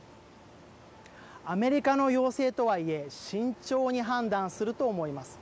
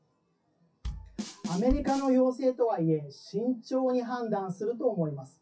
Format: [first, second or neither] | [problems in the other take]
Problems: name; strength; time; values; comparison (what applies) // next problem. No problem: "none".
first | noise reduction (classical method WPE with log-MMSE)